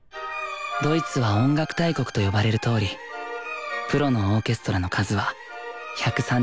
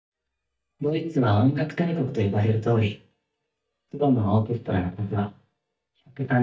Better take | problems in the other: first | noise reduction (neural mask model DeepFilterNet 3)

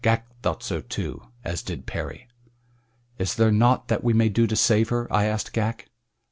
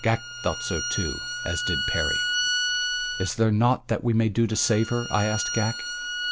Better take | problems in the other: first | background sound (Bowed string instrument); 4 dB below the speech

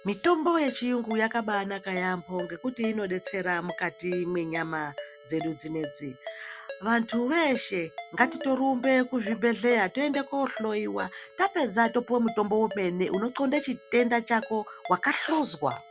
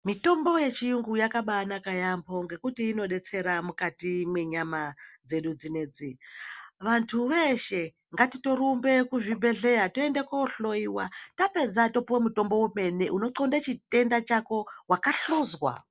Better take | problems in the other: second | background sound (Plucked string instrument + Ringtone); 15 dB below the speech

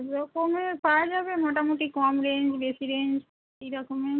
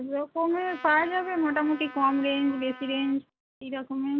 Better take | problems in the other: first | background sound (Trumpet); 18 dB below the speech

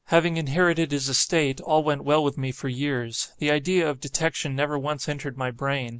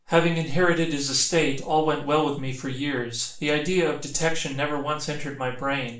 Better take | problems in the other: first | room echo; dies away in 0.4 s

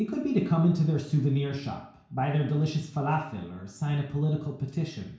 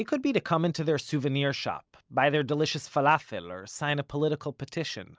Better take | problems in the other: second | room echo; dies away in 0.6 s

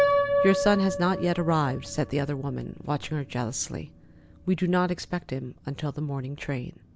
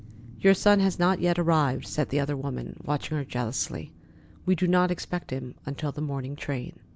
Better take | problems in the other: second | background sound (Piano); 5 dB below the speech

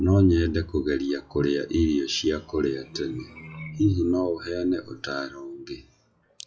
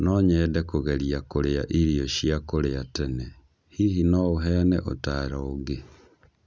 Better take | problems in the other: second | noise reduction (classical method WPE with log-MMSE)

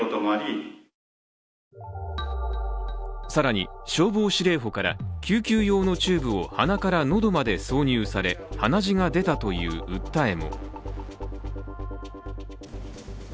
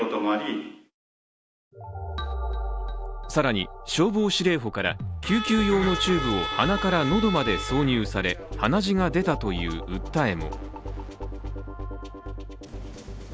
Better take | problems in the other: first | background sound (Bowed string instrument); 6 dB below the speech

